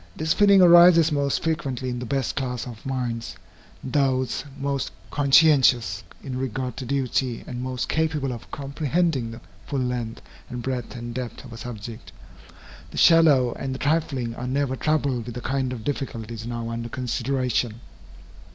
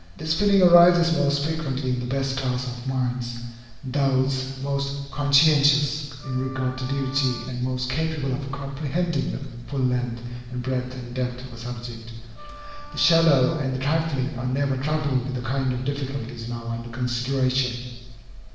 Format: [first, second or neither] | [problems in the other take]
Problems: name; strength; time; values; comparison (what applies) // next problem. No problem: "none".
first | background sound (Wind instrument, woodwind instrument); 19 dB below the speech // room echo; dies away in 1.2 s